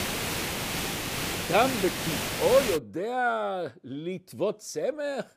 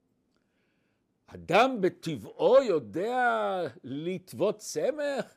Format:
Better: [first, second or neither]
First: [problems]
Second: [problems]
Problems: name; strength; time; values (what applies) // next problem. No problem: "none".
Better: second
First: hiss; loud; until 3 s; 2 dB below the speech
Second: none